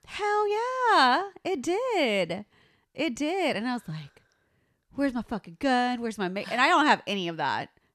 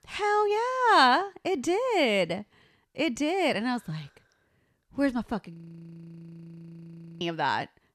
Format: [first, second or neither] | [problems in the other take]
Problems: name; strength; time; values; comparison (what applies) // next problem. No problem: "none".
first | audio freezing; at 5.5 s for 1.5 s